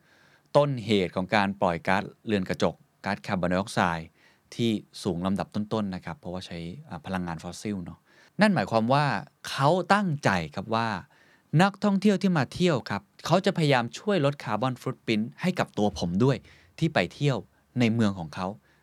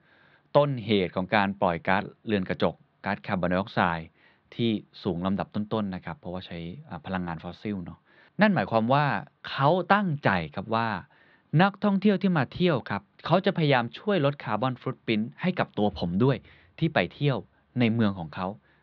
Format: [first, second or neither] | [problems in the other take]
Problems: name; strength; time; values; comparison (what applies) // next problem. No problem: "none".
first | muffled; slightly; fading above 3.5 kHz